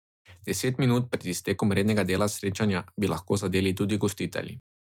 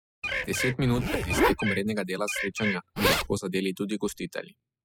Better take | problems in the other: first | noise reduction (classical method spectral subtraction)

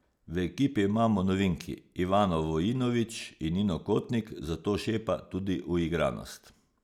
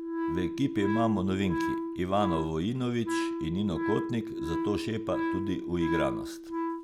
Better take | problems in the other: first | background sound (Wind instrument, woodwind instrument); 2 dB below the speech

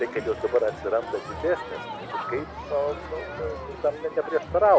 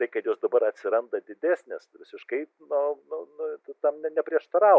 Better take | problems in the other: second | background sound (Crowd); 10 dB below the speech

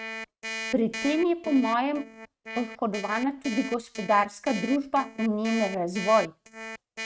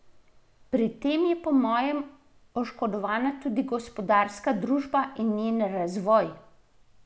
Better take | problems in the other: second | noise reduction (neural mask model RNNoise)

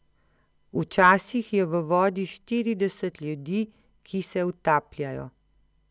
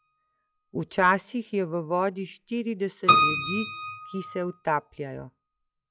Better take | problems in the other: first | noise reduction (classical method log-MMSE)

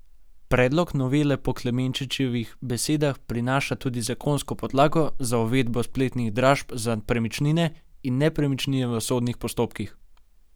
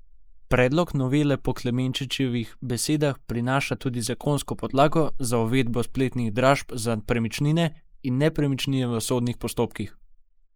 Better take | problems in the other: first | noise reduction (neural mask model Resemble Enhance denoiser)

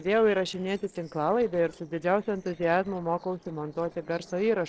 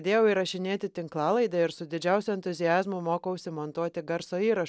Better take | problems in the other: second | noise reduction (neural separator model SepFormer DNS4)

